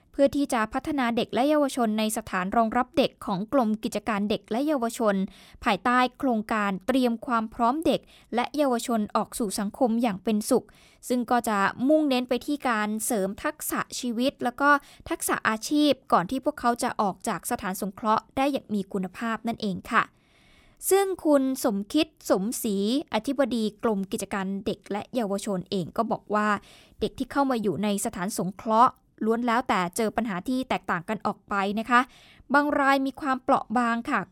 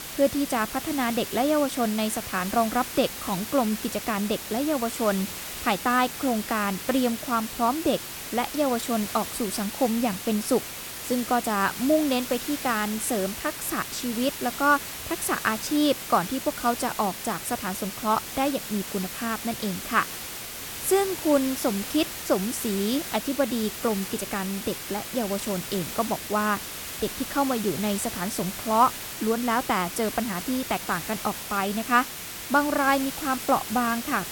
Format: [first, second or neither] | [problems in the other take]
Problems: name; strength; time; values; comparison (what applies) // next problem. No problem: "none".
first | hiss; loud; throughout; 7 dB below the speech